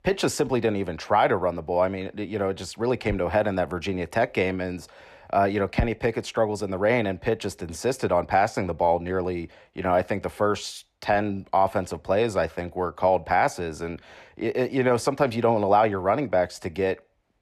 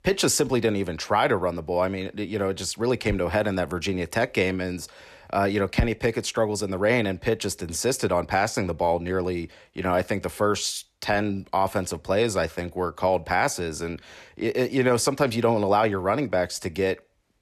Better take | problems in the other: second | muffled; slightly; fading above 4 kHz

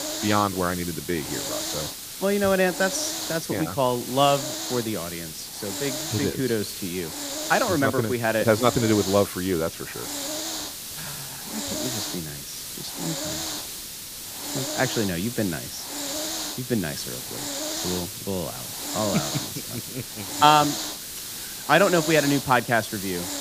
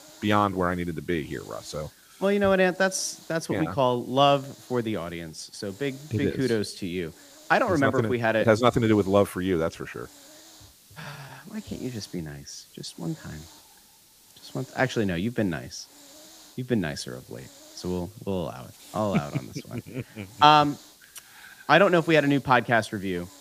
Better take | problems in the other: second | hiss; loud; throughout; 5 dB below the speech; faint in the second

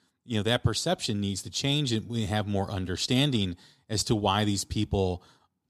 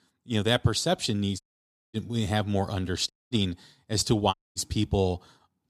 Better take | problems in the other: first | audio cutting out; at 1.5 s for 0.5 s, at 3 s and at 4.5 s

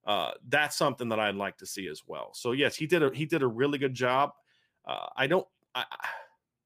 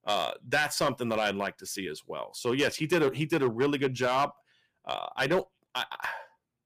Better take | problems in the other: first | distortion; slight; 4% of the sound clipped

